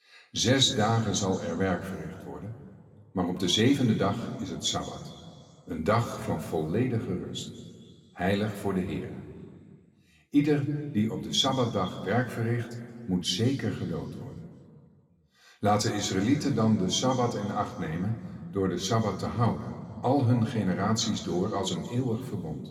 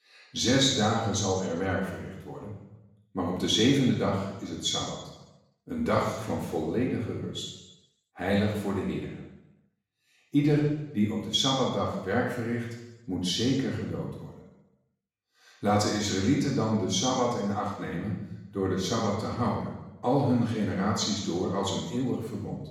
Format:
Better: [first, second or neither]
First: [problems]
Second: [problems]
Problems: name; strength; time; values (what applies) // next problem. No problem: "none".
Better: first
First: room echo; slight; dies away in 2 s // off-mic speech; somewhat distant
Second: room echo; strong; dies away in 0.9 s // off-mic speech; far